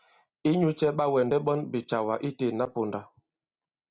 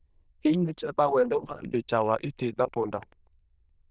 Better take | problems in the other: first | noise reduction (neural diffusion model UNIVERSE++)

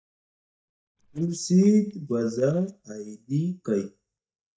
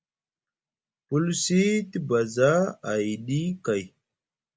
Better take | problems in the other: second | noise reduction (neural mask model DeepFilterNet 3)

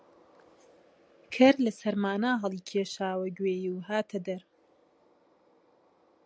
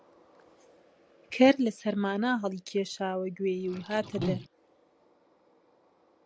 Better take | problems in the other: first | background sound (Liquid); 5 dB below the speech

